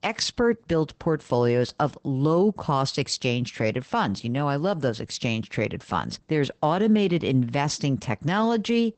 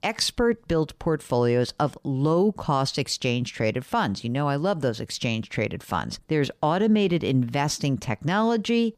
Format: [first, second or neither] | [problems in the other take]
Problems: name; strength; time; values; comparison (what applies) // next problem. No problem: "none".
second | garbled, watery; badly; nothing above 8 kHz